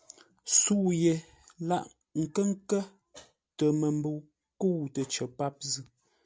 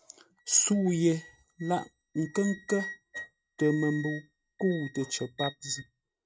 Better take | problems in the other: first | noise reduction (neural mask model RNNoise)

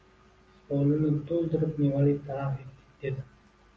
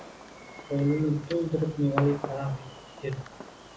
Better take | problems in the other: first | background sound (Fireworks); 11 dB below the speech

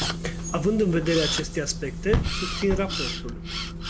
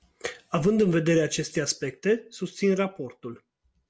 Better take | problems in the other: second | background sound (Camera + Bus / Engine); 2 dB below the speech

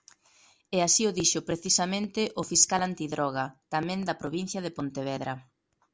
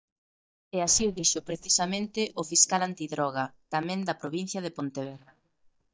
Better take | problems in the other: first | noise reduction (neural mask model DeepFilterNet 3)

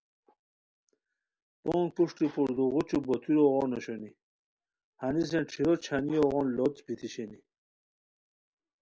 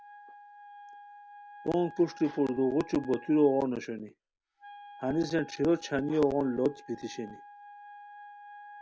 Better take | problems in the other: first | background sound (Wind instrument, woodwind instrument); 18 dB below the speech

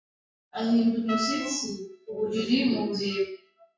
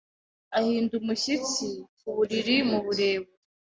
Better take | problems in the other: second | noise reduction (classical method WPE with log-MMSE)

